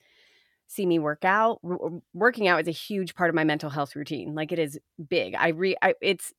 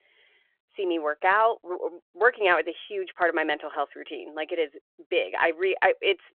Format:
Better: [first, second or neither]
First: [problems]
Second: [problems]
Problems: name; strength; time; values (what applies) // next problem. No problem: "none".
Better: first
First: none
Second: phone-call audio